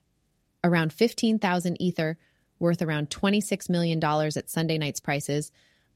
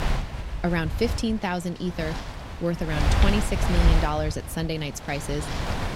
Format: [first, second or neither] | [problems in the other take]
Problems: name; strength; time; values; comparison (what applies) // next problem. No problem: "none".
first | wind noise on the microphone; heavy; 3 dB below the speech